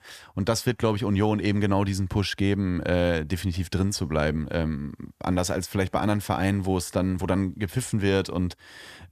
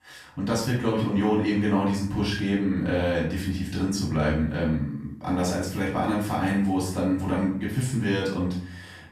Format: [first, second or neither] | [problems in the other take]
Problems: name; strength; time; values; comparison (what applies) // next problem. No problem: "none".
first | room echo; noticeable; dies away in 0.5 s // off-mic speech; far